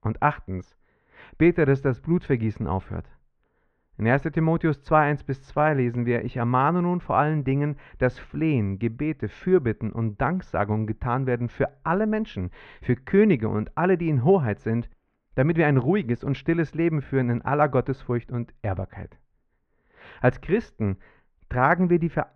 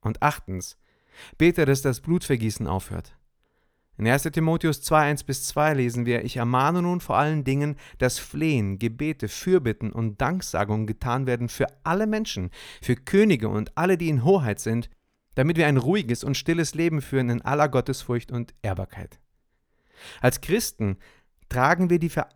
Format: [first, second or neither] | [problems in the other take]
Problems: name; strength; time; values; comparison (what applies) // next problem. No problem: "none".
second | muffled; very; fading above 2 kHz